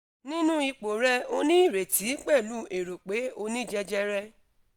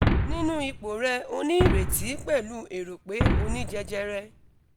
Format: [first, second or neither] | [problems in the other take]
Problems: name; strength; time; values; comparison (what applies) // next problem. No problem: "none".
first | background sound (Boom); 1 dB above the speech